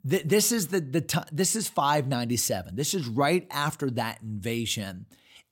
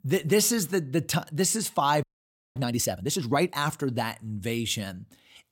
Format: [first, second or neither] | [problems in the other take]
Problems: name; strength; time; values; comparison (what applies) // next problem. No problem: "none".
first | audio freezing; at 2 s for 0.5 s